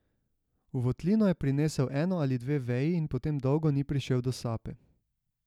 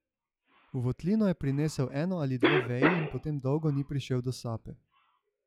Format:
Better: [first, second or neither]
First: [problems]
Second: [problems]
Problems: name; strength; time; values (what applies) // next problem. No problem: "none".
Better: first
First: none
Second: noise reduction (classical method log-MMSE)